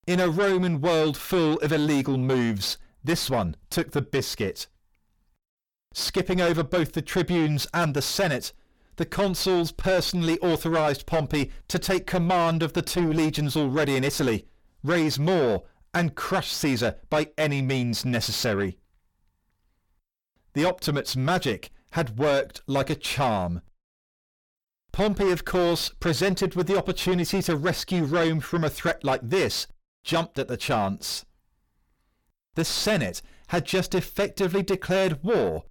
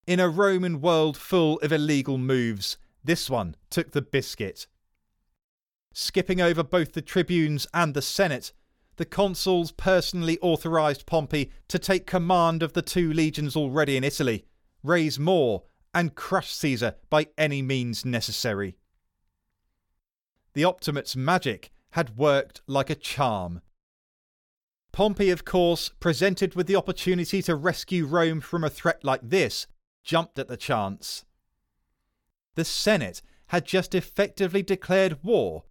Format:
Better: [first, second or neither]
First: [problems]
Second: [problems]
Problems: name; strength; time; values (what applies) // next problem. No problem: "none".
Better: second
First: distortion; heavy; 7 dB below the speech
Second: none